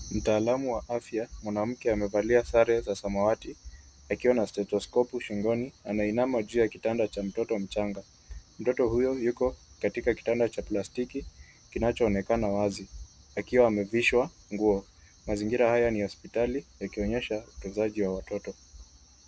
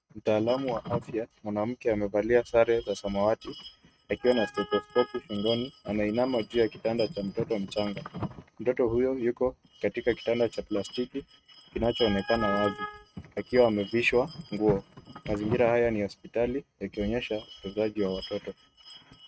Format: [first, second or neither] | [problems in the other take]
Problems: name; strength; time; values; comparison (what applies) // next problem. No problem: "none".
first | noise reduction (neural mask model RNNoise)